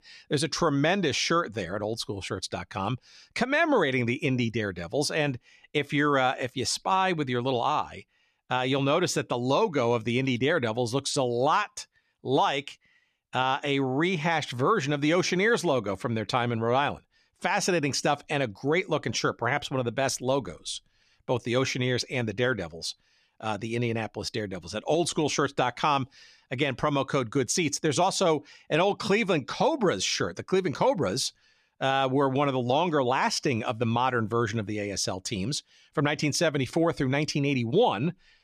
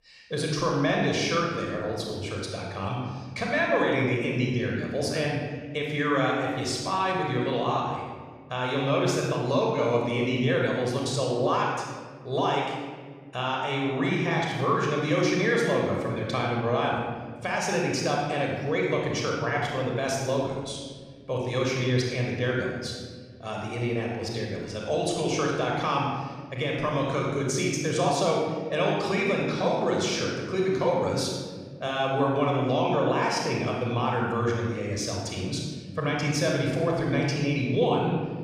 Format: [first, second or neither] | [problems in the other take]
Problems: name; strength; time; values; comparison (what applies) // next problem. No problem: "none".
first | off-mic speech; somewhat distant // room echo; strong; dies away in 1.6 s